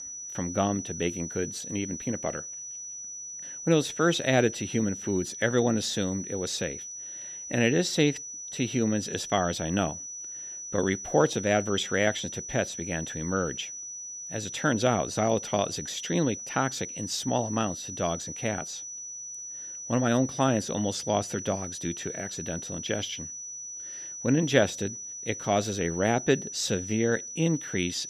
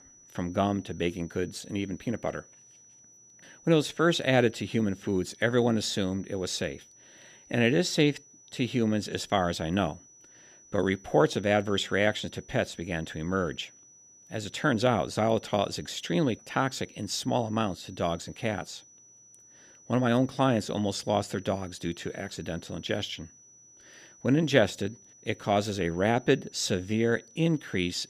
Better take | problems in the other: second | high-pitched whine; loud; throughout; 6 kHz, 8 dB below the speech; faint in the second

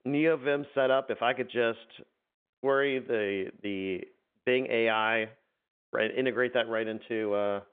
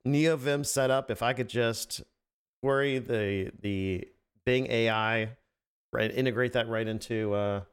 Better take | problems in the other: second | phone-call audio; nothing above 3.5 kHz

